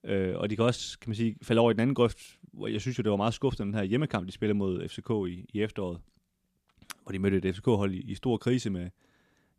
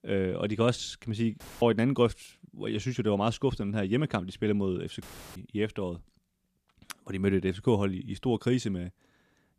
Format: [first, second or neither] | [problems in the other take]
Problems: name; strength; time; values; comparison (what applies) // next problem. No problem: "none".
first | audio cutting out; filled with static; at 1.5 s and at 5 s